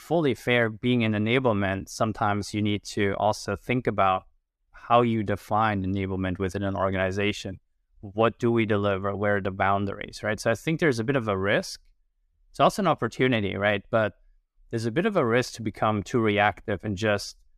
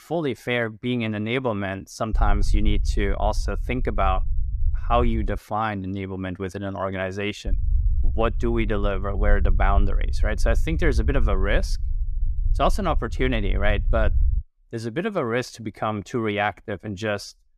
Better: first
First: none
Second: low rumble; faint; from 2 to 5.5 s and from 7.5 to 14 s; 20 dB below the speech

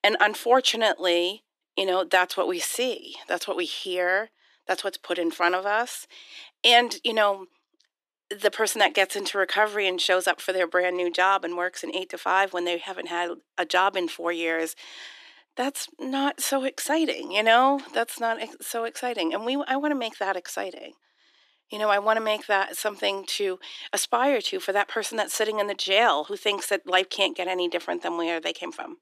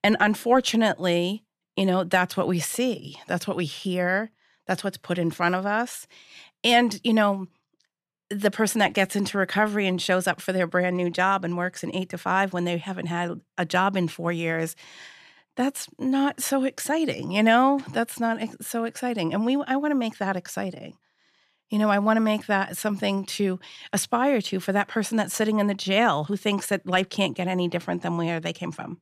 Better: second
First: thin; somewhat; fading below 300 Hz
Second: none

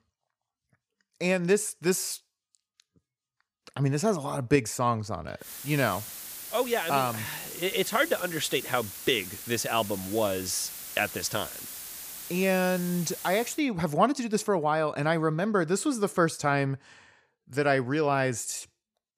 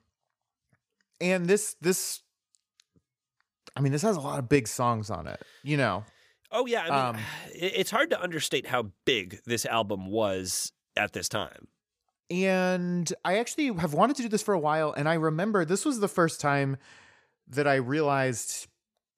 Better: second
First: hiss; noticeable; from 5.5 to 14 s; 10 dB below the speech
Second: none

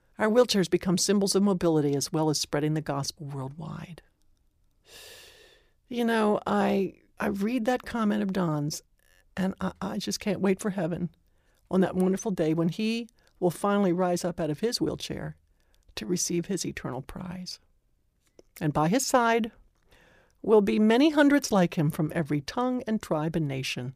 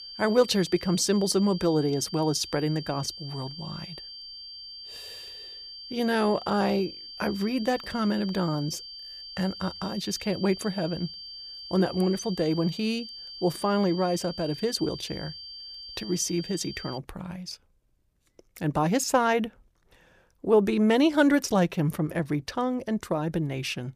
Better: first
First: none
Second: high-pitched whine; noticeable; until 17 s; 4.5 kHz, 10 dB below the speech

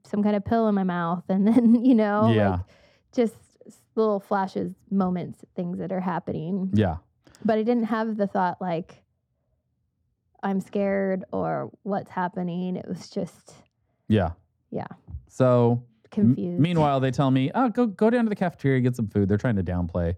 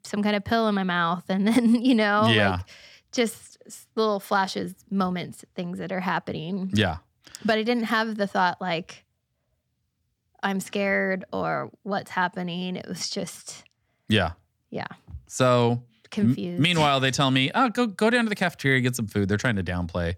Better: second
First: muffled; slightly; fading above 1.5 kHz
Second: none

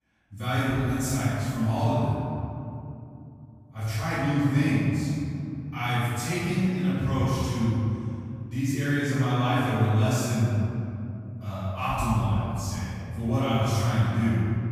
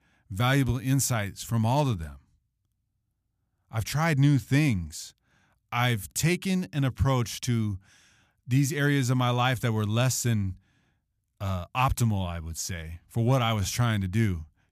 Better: second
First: room echo; strong; dies away in 2.7 s // off-mic speech; far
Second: none

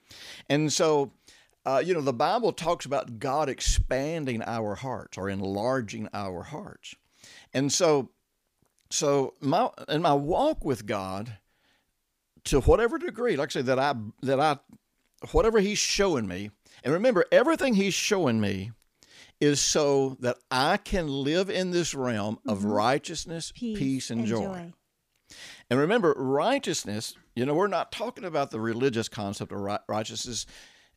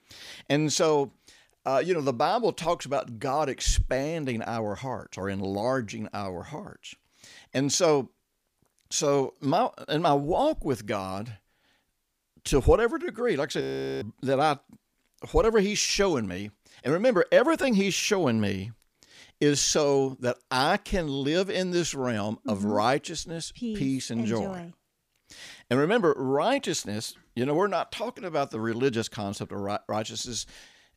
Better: first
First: none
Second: audio freezing; at 14 s

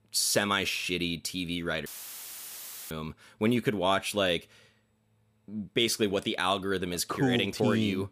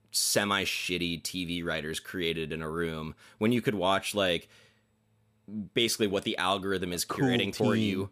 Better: second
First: audio cutting out; filled with static; at 2 s for 1 s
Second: none

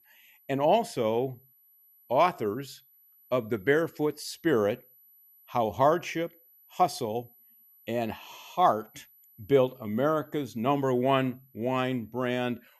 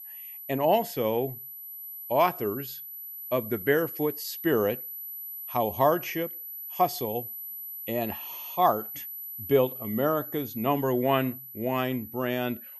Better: first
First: high-pitched whine; faint; throughout; 12 kHz, 30 dB below the speech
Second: high-pitched whine; loud; throughout; 12 kHz, 9 dB below the speech

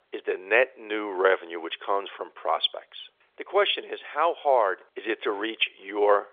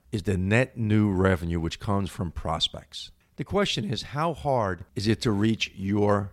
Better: second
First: phone-call audio; nothing above 3.5 kHz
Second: none

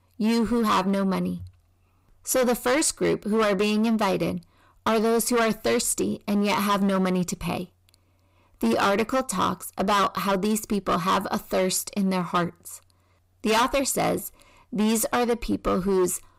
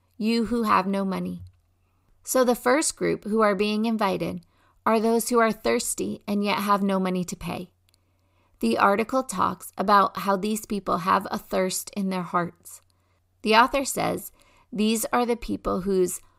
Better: second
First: distortion; heavy; 12% of the sound clipped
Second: none

